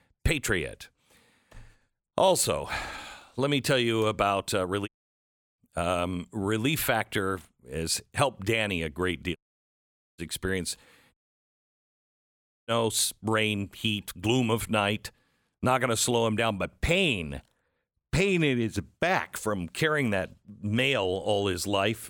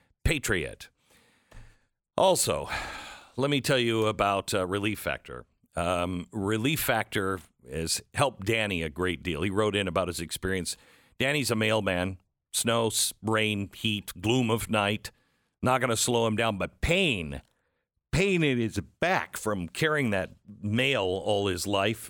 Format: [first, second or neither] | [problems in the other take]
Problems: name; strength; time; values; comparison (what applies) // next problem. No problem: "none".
second | audio cutting out; at 5 s for 0.5 s, at 9.5 s for 1 s and at 11 s for 1.5 s